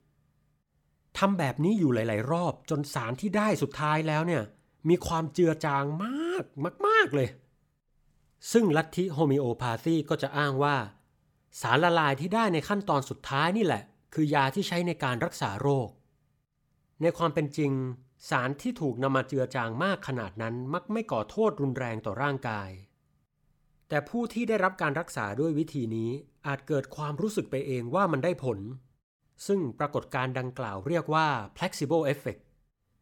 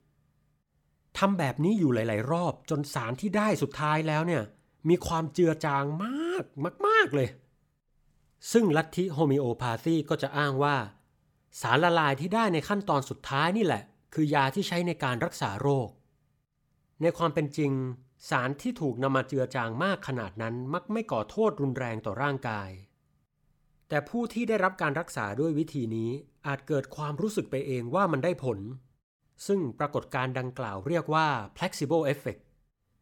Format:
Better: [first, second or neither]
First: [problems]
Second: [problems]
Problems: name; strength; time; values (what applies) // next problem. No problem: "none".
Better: neither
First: none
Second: none